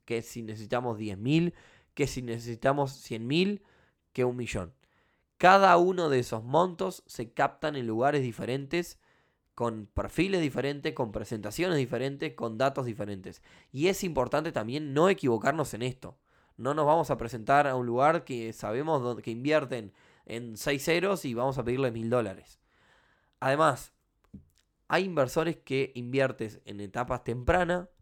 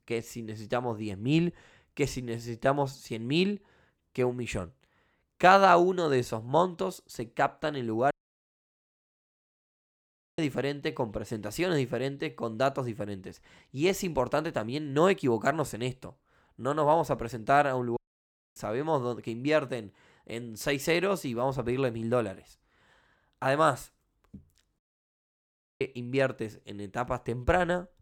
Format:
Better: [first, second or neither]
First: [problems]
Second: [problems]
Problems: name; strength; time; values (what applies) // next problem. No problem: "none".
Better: first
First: none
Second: audio cutting out; at 8 s for 2.5 s, at 18 s for 0.5 s and at 25 s for 1 s